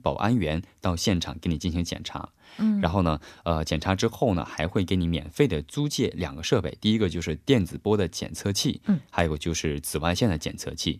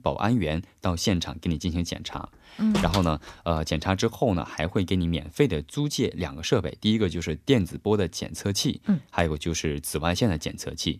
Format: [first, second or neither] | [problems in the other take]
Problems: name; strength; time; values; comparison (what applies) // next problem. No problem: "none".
first | door banging; noticeable; from 2 to 3.5 s; peak 3 dB below the speech